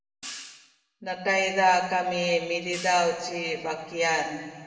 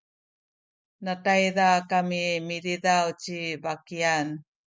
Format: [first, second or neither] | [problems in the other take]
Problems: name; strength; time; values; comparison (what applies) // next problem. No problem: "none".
second | background sound (Hi-hat); 19 dB below the speech // room echo; dies away in 1.6 s